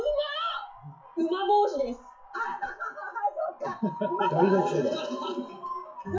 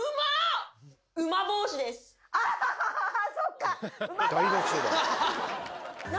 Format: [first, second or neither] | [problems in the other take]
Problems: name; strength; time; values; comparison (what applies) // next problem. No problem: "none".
second | noise reduction (classical method WPE with log-MMSE)